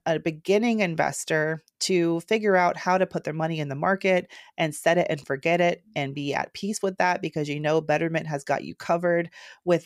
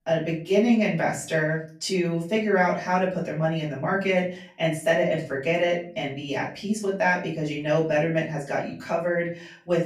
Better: first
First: none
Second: room echo; slight; dies away in 0.4 s // off-mic speech; far

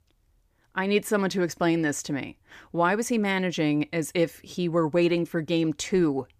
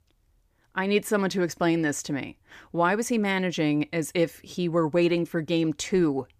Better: neither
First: none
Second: none

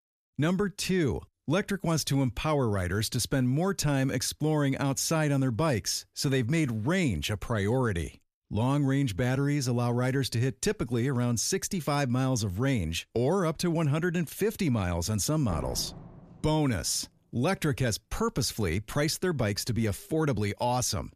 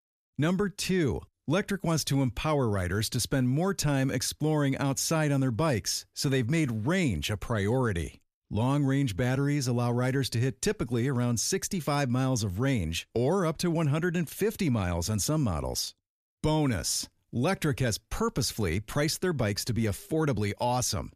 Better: second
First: door banging; faint; from 15 to 17 s; peak 10 dB below the speech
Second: none

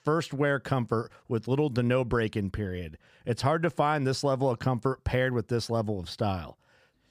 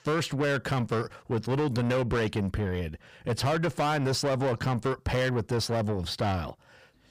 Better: first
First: none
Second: distortion; heavy; 8 dB below the speech

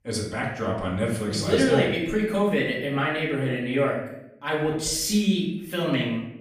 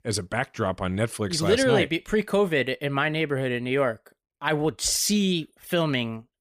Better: second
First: off-mic speech; far // room echo; noticeable; dies away in 0.7 s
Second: none

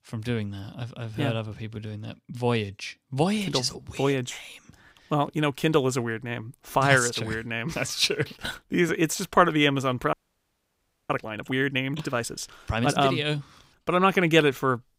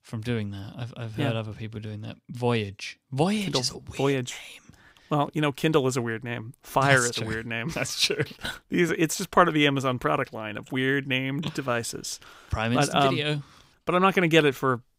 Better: second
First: audio freezing; at 10 s for 1 s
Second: none

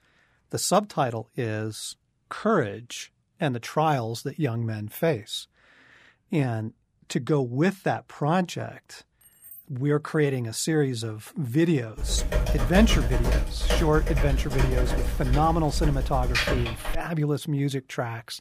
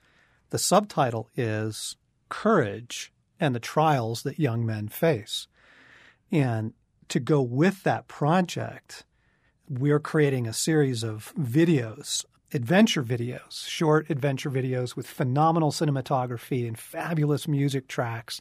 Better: second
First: jangling keys; faint; at 9 s; peak 15 dB below the speech // keyboard typing; loud; from 12 to 17 s; peak 2 dB above the speech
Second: none

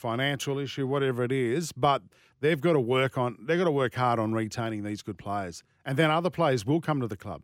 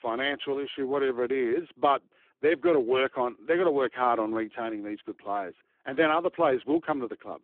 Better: first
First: none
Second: phone-call audio; poor line

